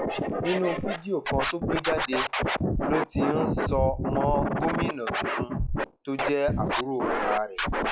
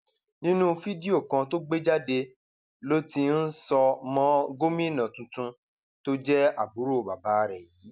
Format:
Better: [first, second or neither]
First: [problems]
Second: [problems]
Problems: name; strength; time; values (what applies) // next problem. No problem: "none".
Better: second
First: noise reduction (classical method log-MMSE)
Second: none